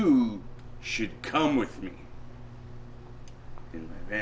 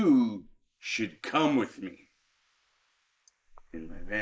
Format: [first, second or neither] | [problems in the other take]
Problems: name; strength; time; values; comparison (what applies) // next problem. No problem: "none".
first | noise reduction (neural mask model Resemble Enhance denoiser)